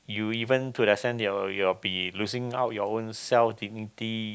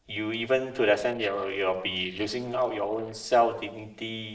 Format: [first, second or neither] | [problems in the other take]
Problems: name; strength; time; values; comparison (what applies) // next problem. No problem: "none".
first | noise reduction (neural separator model SepFormer DNS4)